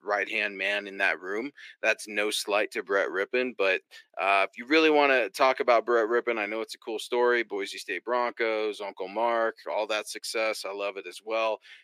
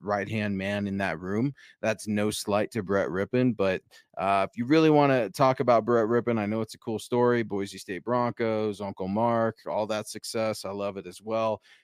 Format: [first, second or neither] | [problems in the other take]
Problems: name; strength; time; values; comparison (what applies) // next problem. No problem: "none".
second | thin; somewhat; fading below 350 Hz